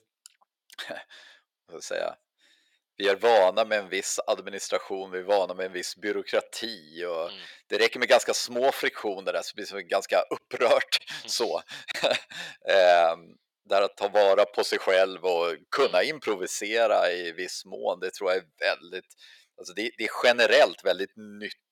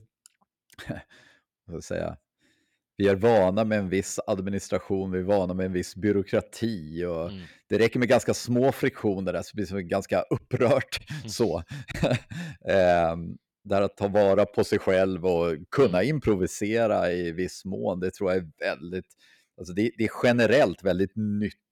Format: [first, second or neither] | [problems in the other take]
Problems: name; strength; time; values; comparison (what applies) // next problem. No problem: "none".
second | thin; very; fading below 700 Hz